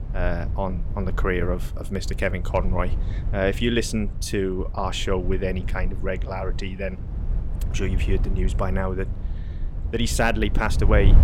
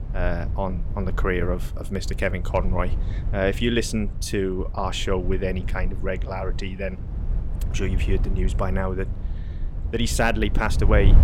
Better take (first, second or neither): neither